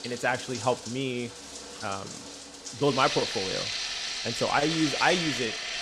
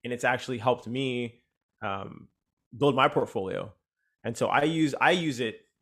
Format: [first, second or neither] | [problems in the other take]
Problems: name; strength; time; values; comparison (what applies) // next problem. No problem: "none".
second | household noises; loud; throughout; 3 dB below the speech